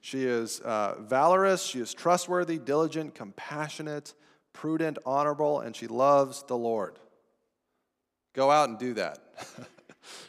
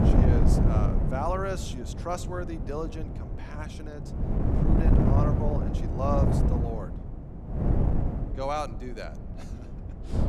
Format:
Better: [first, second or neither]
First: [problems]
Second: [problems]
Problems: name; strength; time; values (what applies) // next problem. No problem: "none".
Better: first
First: none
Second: wind noise on the microphone; heavy; 2 dB below the speech